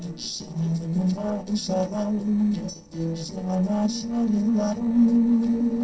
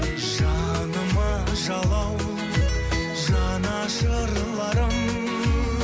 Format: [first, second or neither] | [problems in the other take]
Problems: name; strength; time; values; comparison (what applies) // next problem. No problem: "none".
second | noise reduction (neural separator model SepFormer DNS4)